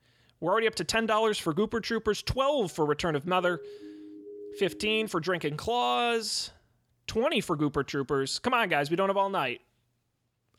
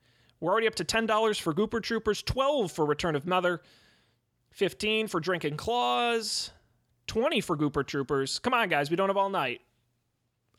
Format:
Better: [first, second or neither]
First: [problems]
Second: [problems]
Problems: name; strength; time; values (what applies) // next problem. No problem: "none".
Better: second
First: siren; faint; from 3.5 to 5 s; peak 15 dB below the speech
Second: none